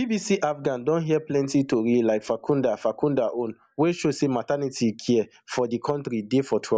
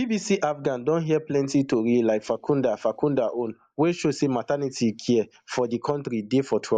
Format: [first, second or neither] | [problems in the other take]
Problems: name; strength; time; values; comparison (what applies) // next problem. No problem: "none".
first | noise reduction (neural mask model Resemble Enhance denoiser)